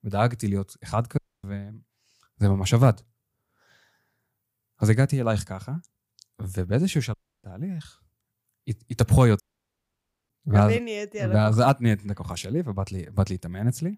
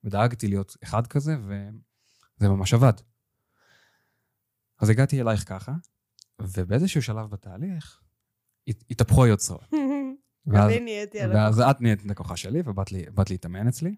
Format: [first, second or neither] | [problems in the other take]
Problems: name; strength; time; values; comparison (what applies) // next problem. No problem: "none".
second | audio cutting out; at 1 s, at 7 s and at 9.5 s for 1 s